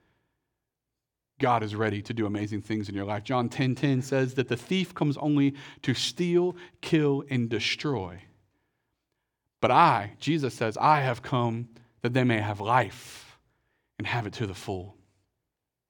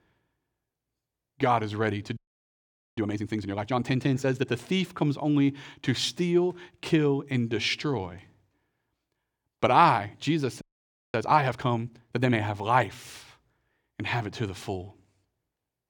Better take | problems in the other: first | audio freezing; at 2 s for 1 s and at 11 s for 0.5 s

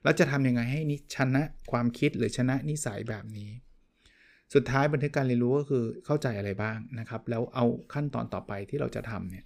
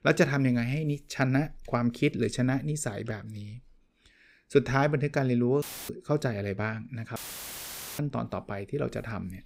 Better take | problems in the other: first | audio cutting out; filled with static; at 5.5 s and at 7 s for 1 s

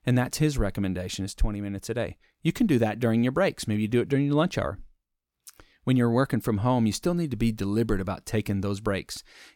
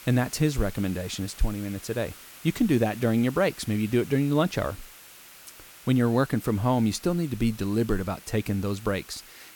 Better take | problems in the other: first | hiss; noticeable; throughout; 20 dB below the speech

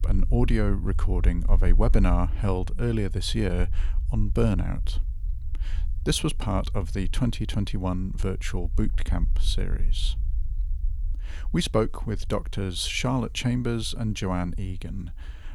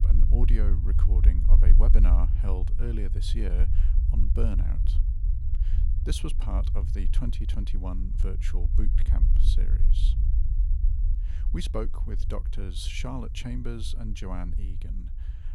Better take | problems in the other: first | low rumble; loud; throughout; 7 dB below the speech; faint in the first

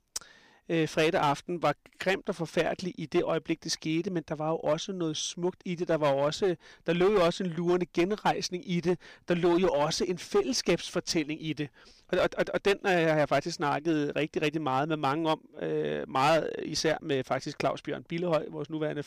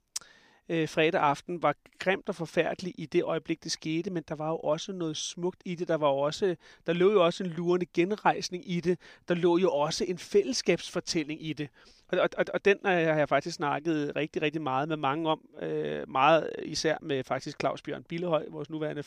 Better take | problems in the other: second | distortion; slight; 6% of the sound clipped

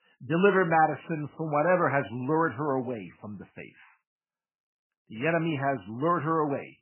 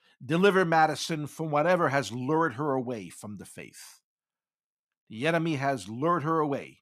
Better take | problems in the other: second | garbled, watery; badly; nothing above 3 kHz

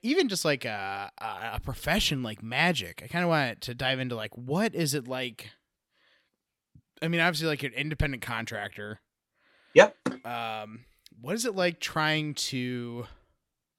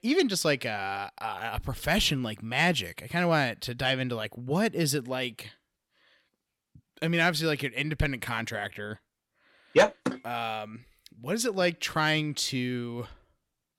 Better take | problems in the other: first | distortion; slight; 10 dB below the speech

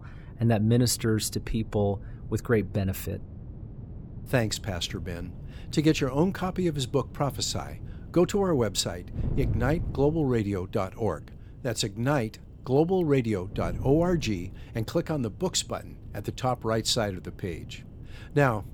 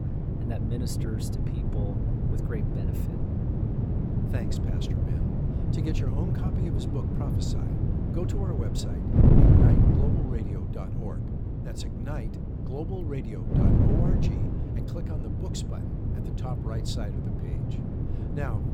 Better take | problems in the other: first | wind noise on the microphone; heavy; 5 dB above the speech; occasional gusts in the first

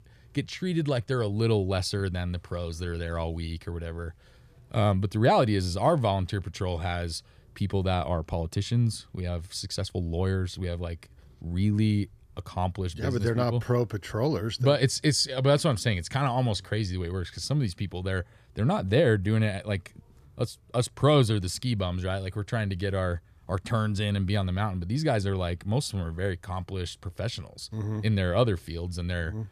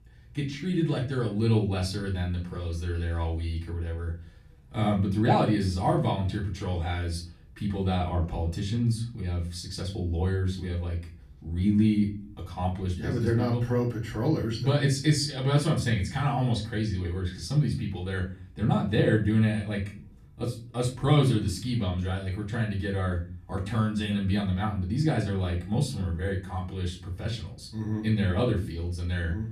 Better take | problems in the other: first | off-mic speech; far // room echo; slight; dies away in 0.4 s

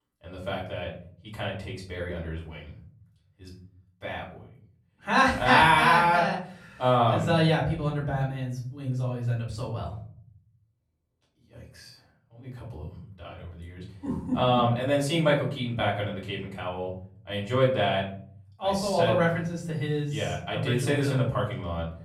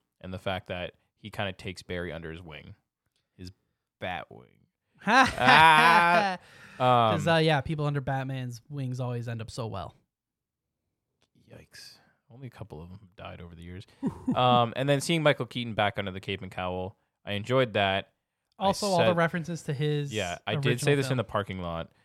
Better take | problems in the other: second | off-mic speech; far // room echo; slight; dies away in 0.6 s

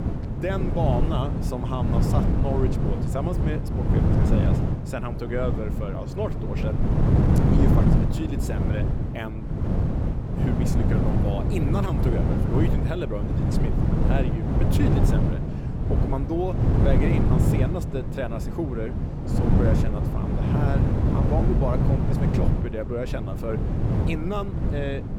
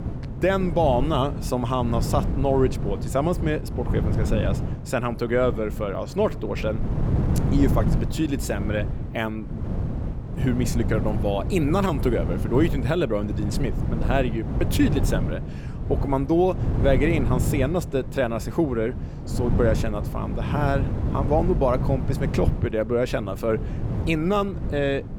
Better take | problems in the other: second | wind noise on the microphone; heavy; as loud as the speech; occasional gusts in the second

